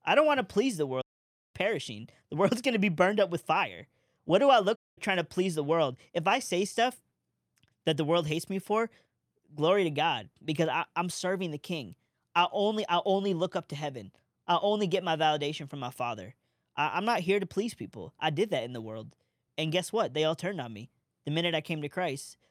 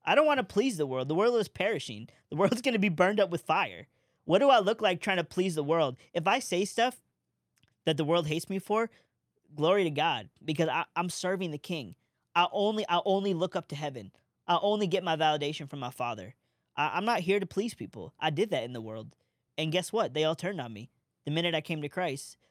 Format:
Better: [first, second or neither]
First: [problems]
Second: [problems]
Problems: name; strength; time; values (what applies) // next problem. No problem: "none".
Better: second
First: audio cutting out; at 1 s for 0.5 s and at 5 s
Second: none